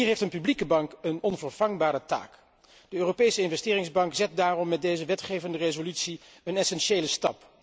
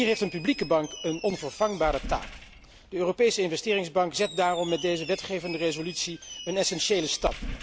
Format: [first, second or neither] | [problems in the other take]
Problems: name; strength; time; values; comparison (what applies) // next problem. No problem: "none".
first | background sound (Squeak); 13 dB below the speech